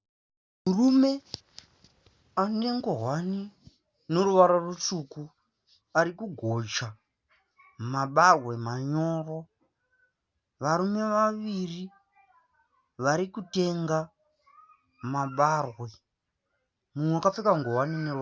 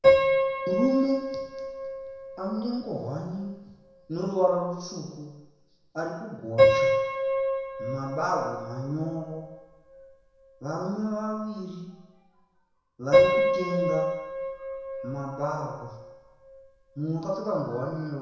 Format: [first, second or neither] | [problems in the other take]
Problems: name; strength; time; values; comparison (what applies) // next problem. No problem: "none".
first | background sound (Piano); 3 dB above the speech // room echo; dies away in 1 s